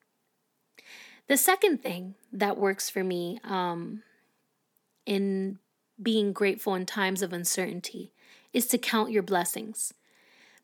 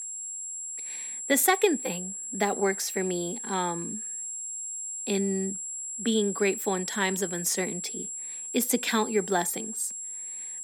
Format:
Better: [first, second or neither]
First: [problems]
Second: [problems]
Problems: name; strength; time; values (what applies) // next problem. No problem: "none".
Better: first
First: none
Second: high-pitched whine; loud; throughout; 7.5 kHz, 6 dB below the speech